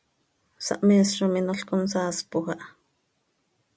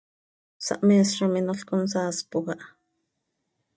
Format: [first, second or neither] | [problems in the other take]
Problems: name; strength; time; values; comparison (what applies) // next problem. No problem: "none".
first | noise reduction (neural mask model DeepFilterNet 3)